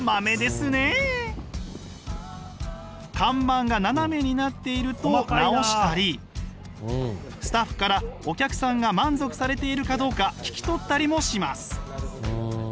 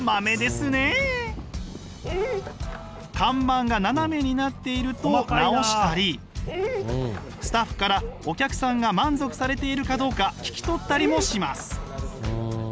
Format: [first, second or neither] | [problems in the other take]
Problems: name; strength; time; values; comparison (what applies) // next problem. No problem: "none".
first | background sound (Dog); 12 dB below the speech